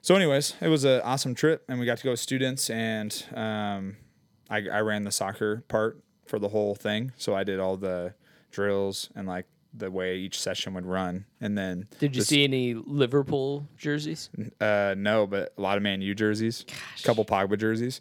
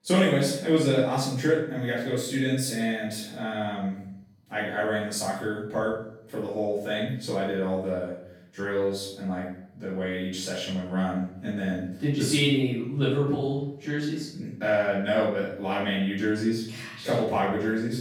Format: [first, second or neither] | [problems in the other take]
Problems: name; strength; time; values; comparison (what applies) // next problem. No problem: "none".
first | off-mic speech; far // room echo; noticeable; dies away in 0.6 s